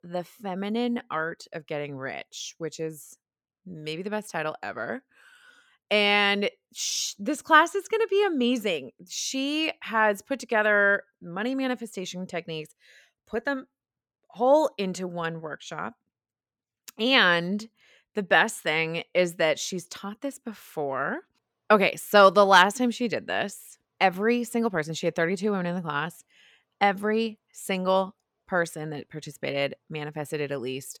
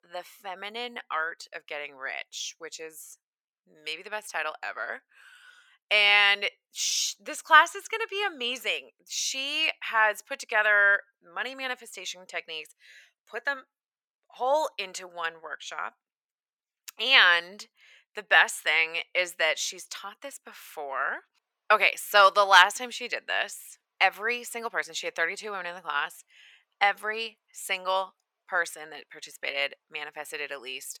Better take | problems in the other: first | thin; very; fading below 850 Hz

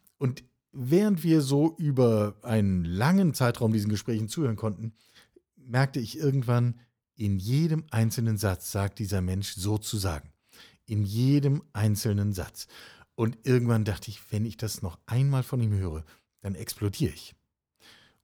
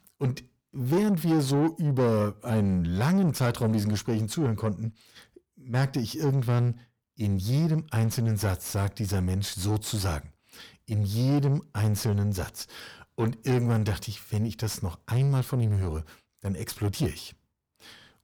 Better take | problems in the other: first | distortion; slight; 10 dB below the speech

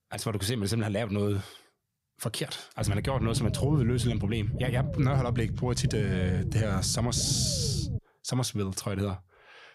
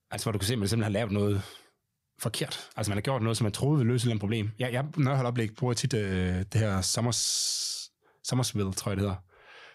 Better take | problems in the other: second | low rumble; noticeable; from 3 to 8 s; 10 dB below the speech

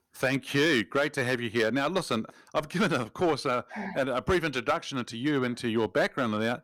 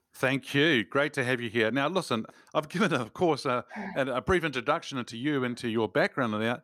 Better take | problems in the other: second | distortion; slight; 4% of the sound clipped

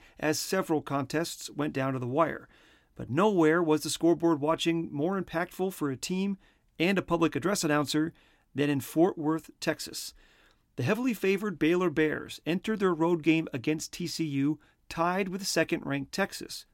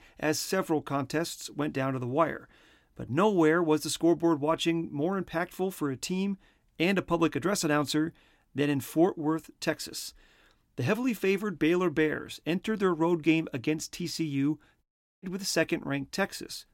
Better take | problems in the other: first | audio cutting out; at 15 s

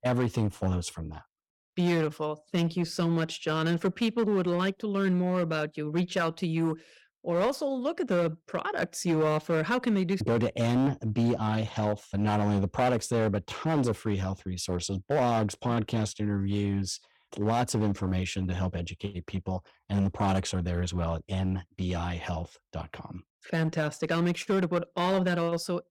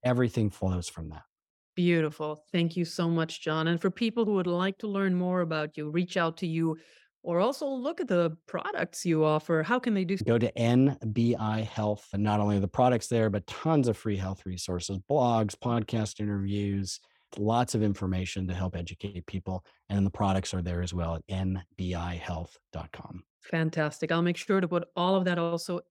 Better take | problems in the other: second | distortion; slight; 7% of the sound clipped

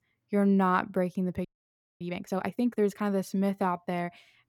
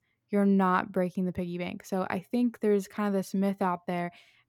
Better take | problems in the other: second | audio freezing; at 1.5 s for 0.5 s

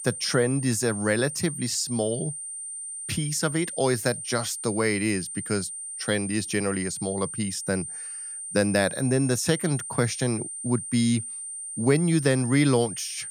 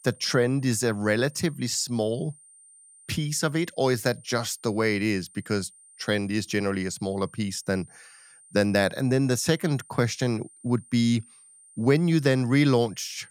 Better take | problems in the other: second | high-pitched whine; loud; throughout; 9 kHz, 7 dB below the speech; faint in the second

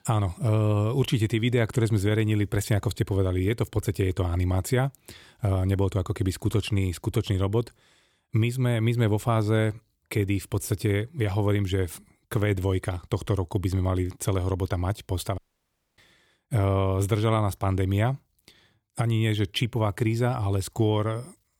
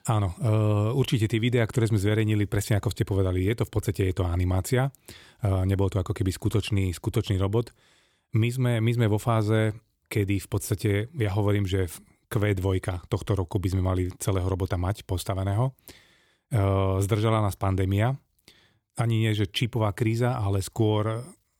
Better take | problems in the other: second | audio cutting out; at 15 s for 0.5 s

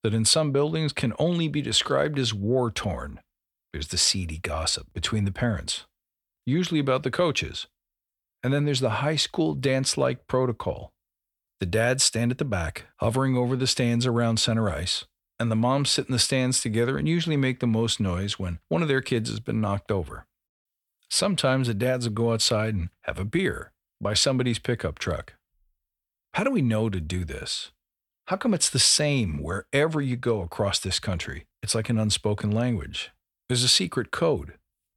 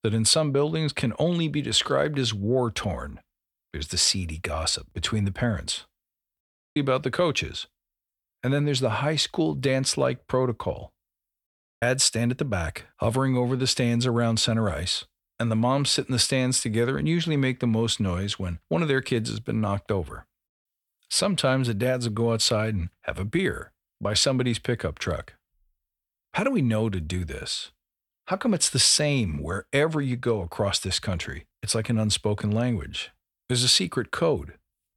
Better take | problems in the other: first | audio cutting out; at 6.5 s and at 11 s

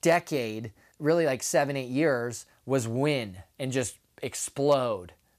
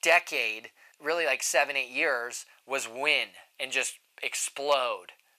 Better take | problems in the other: first | thin; very; fading below 850 Hz

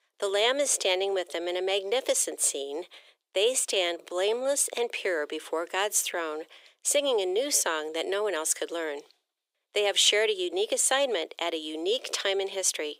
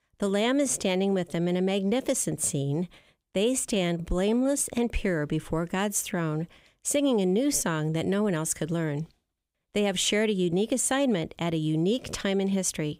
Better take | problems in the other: second | thin; very; fading below 400 Hz

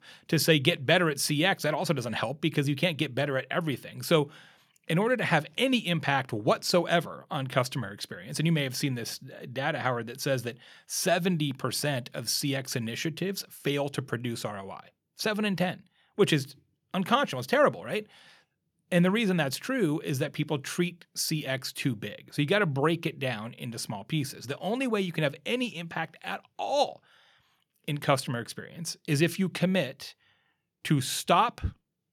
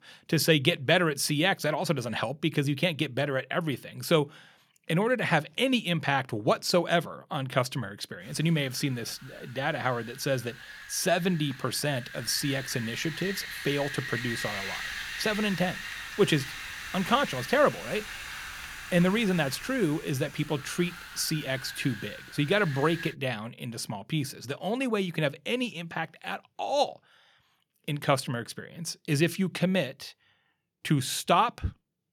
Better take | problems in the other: first | wind noise on the microphone; heavy; from 8 to 23 s; 8 dB below the speech

